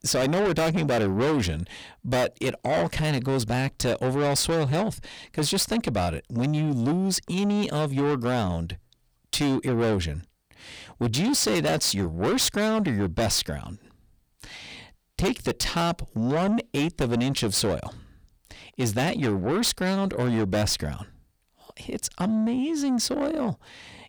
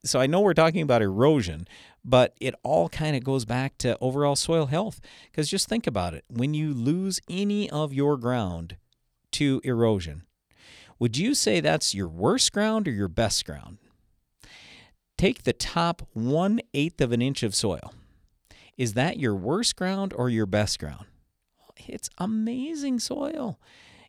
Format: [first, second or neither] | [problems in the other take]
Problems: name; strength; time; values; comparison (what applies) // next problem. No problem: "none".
second | distortion; heavy; 6 dB below the speech